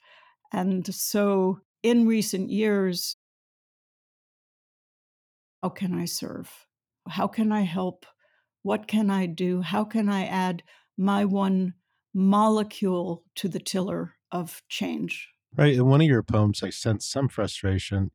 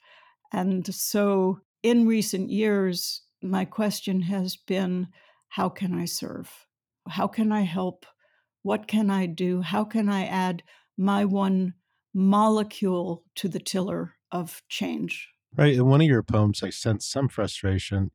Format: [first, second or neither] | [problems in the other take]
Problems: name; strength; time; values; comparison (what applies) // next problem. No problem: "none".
second | audio cutting out; at 3 s for 2.5 s